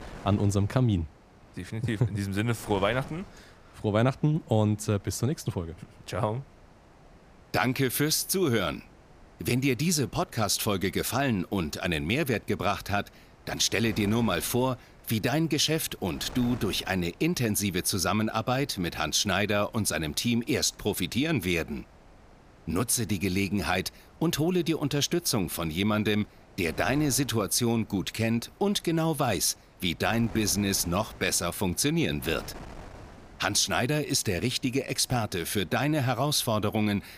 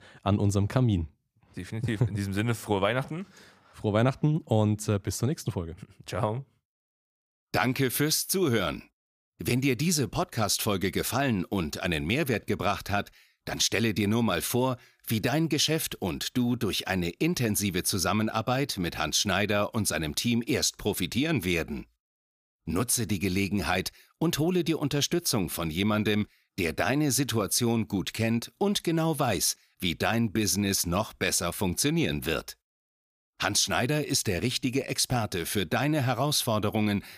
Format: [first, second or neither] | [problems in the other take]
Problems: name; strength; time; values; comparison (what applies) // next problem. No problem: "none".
second | wind noise on the microphone; occasional gusts; 25 dB below the speech